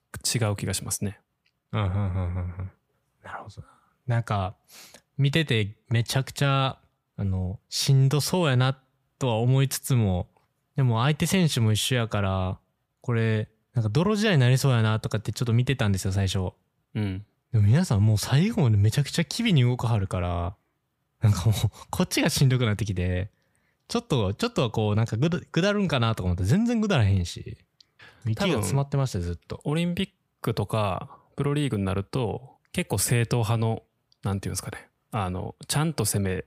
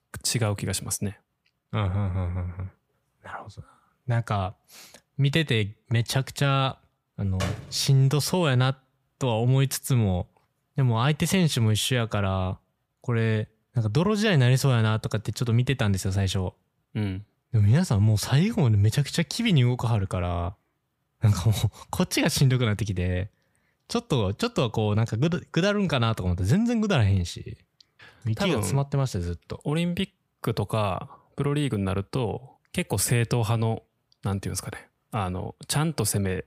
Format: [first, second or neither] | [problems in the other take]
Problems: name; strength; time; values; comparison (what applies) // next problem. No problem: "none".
first | door banging; noticeable; at 7.5 s; peak 8 dB below the speech